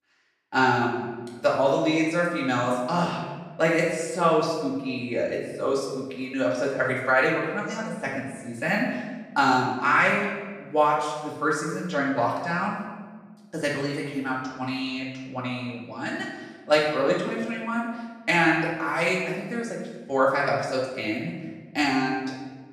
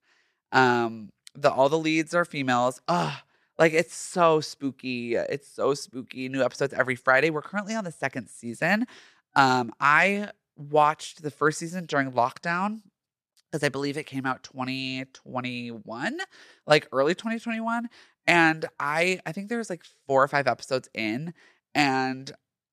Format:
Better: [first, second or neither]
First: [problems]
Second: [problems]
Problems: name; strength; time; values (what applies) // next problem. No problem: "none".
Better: second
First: off-mic speech; far // room echo; noticeable; dies away in 1.1 s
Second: none